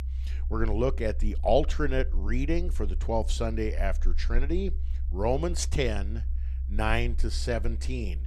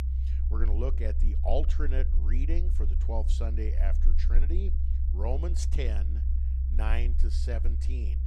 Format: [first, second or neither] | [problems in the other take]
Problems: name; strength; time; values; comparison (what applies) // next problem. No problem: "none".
first | low rumble; loud; throughout; 9 dB below the speech; faint in the first